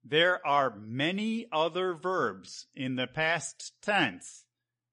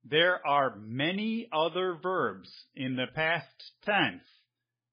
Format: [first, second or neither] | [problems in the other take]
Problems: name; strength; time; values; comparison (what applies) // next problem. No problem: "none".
first | garbled, watery; badly; slightly in the first